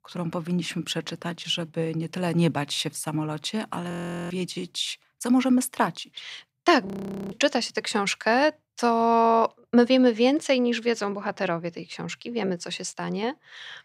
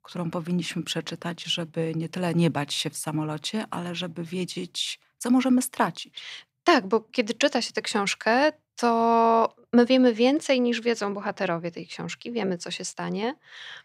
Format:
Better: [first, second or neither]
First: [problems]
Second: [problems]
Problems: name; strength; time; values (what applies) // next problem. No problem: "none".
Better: second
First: audio freezing; at 4 s and at 7 s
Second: none